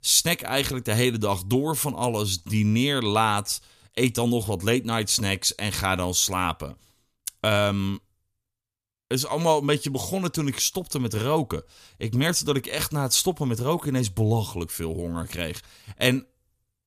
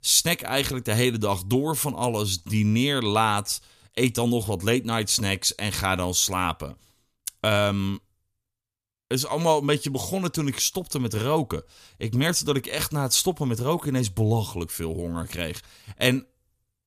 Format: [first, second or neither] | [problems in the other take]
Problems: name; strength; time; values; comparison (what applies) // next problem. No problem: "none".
neither | none